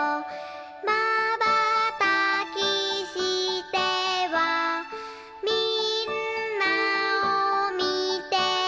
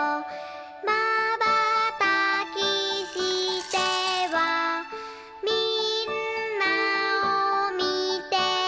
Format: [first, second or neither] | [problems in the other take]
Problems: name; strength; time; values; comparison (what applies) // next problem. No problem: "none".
first | background sound (Coin (dropping) / Glass); 16 dB below the speech